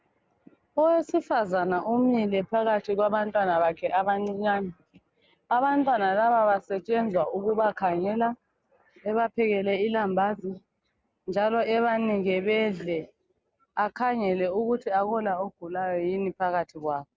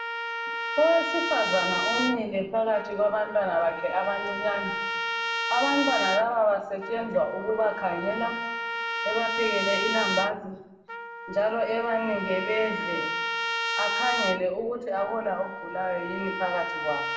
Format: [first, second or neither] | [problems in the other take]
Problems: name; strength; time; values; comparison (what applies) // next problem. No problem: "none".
first | background sound (Trumpet); 3 dB below the speech // room echo; dies away in 0.7 s